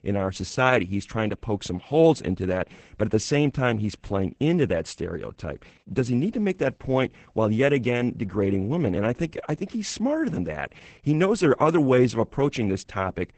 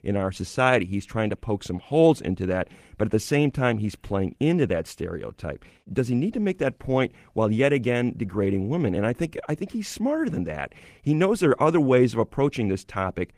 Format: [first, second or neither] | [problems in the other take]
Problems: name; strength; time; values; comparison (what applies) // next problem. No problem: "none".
second | garbled, watery; badly; nothing above 8 kHz; slightly in the second